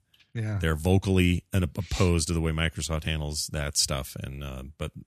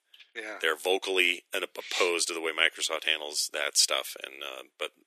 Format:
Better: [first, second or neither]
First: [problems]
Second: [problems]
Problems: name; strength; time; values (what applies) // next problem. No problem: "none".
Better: first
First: none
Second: thin; very; fading below 350 Hz